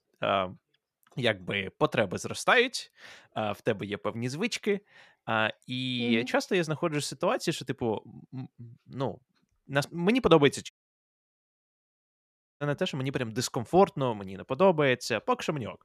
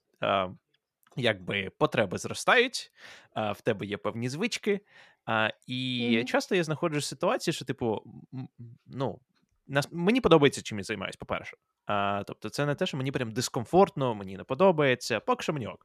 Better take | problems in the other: second | audio cutting out; at 11 s for 2 s

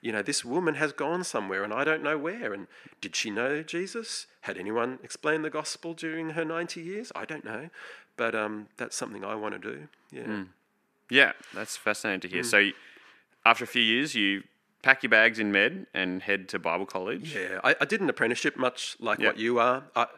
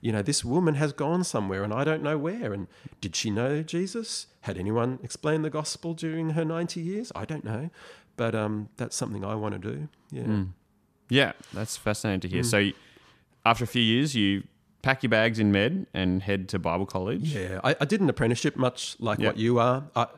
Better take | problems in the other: second | thin; somewhat; fading below 300 Hz

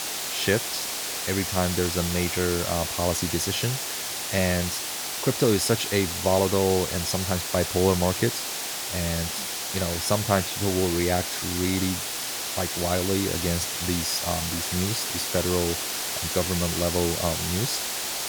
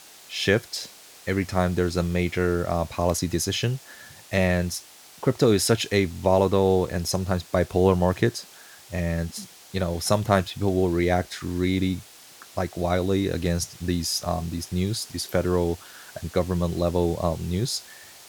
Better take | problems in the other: second | hiss; loud; throughout; 1 dB below the speech; faint in the second

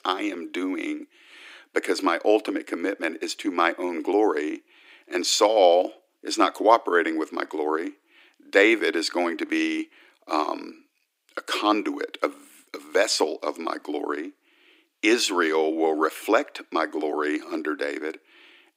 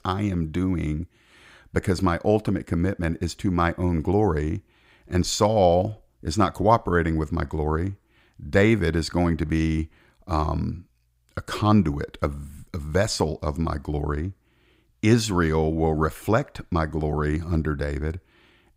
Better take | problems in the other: second | thin; somewhat; fading below 300 Hz

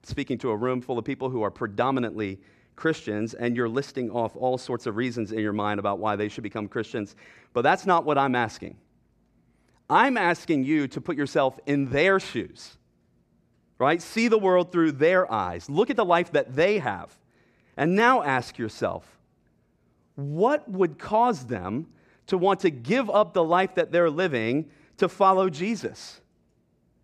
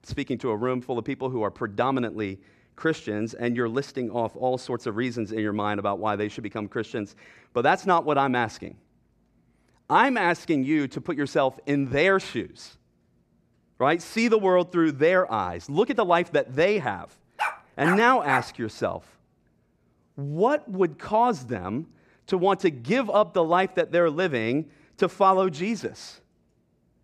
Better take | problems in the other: first | dog barking; noticeable; from 17 to 18 s; peak 3 dB below the speech

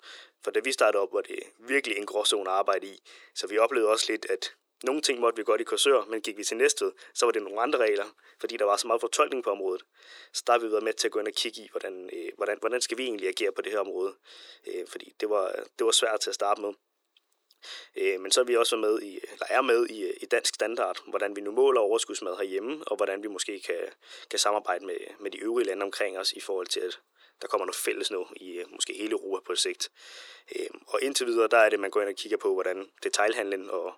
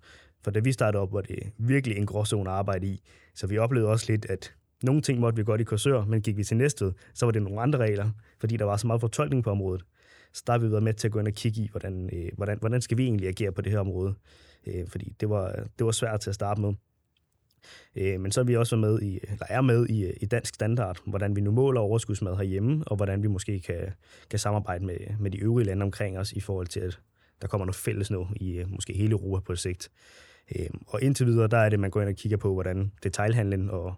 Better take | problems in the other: second | thin; very; fading below 350 Hz

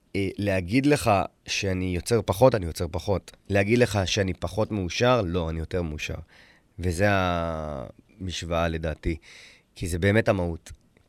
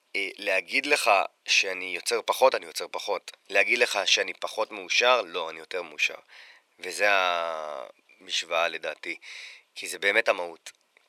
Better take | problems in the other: first | thin; very; fading below 500 Hz

